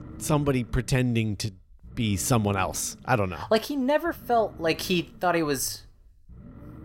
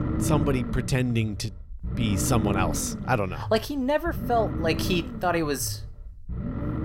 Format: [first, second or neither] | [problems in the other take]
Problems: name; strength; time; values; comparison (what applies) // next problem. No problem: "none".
first | low rumble; loud; throughout; 9 dB below the speech; faint in the first